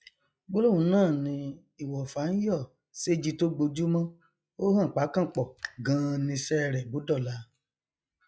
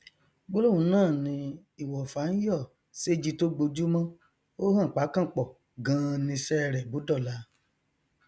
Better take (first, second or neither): second